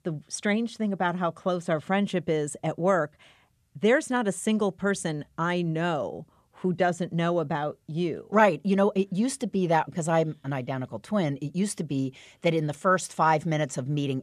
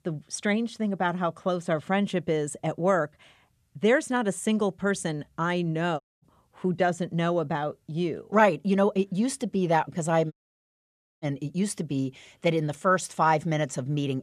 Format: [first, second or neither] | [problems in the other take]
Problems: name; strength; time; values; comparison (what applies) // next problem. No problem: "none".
first | audio cutting out; at 6 s and at 10 s for 1 s